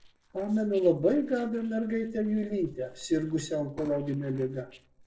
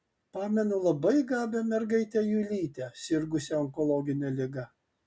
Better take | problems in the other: second | noise reduction (neural separator model SepFormer DNS4)

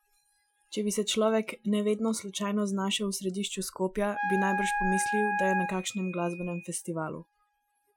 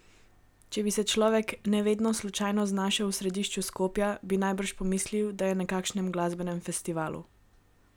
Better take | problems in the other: second | noise reduction (classical method Wiener filter)

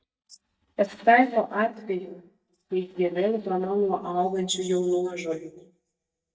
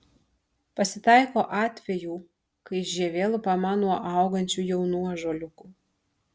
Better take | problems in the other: second | noise reduction (neural mask model DeepFilterNet 3)

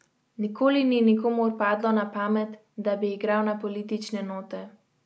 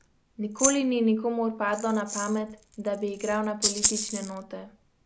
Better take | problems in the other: first | background sound (Rattle (instrument)); 4 dB below the speech

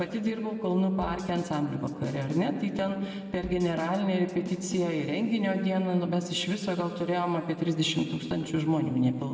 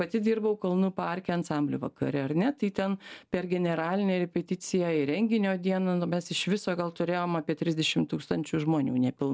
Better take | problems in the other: second | background sound (Drum / Drum kit); 17 dB below the speech // room echo; dies away in 2.2 s

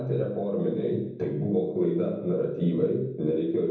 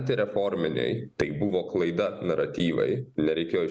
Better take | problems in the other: second | room echo; dies away in 0.9 s

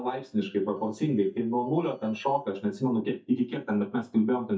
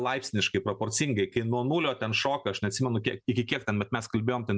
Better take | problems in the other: second | noise reduction (neural mask model DeepFilterNet 3)

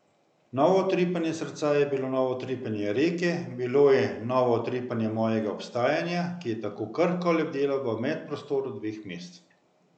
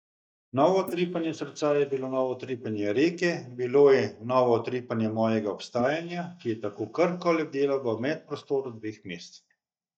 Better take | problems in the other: first | noise reduction (neural mask model DeepFilterNet 3)

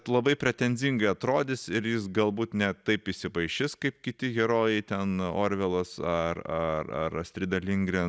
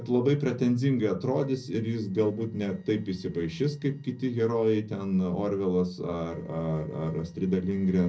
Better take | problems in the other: first | noise reduction (neural separator model SepFormer DNS4)

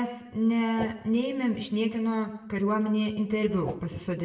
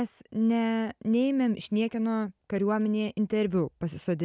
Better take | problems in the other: second | background sound (Whoosh, swoosh, swish); 11 dB below the speech // room echo; dies away in 0.8 s

